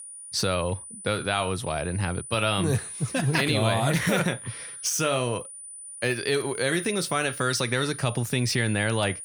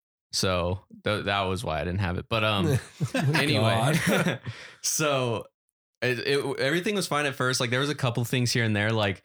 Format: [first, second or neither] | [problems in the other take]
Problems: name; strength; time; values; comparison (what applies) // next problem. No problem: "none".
second | high-pitched whine; noticeable; throughout; 9.5 kHz, 10 dB below the speech